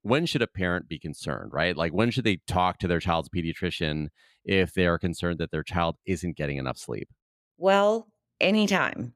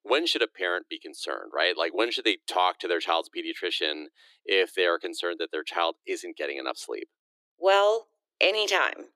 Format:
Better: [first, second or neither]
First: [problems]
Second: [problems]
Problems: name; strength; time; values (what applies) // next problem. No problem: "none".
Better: first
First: none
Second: thin; very; fading below 300 Hz